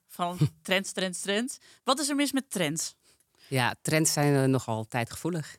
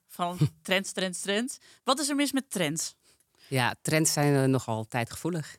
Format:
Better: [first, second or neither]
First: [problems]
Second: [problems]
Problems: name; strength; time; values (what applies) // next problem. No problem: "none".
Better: neither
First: none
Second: none